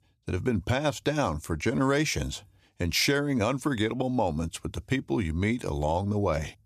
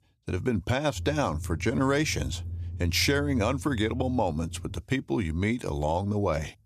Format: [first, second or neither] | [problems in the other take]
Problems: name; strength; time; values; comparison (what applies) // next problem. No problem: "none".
first | low rumble; faint; from 1 to 5 s; 25 dB below the speech